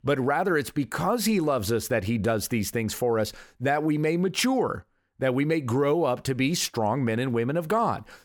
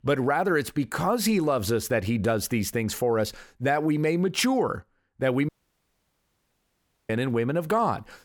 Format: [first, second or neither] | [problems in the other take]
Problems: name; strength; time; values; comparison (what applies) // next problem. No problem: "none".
first | audio cutting out; at 5.5 s for 1.5 s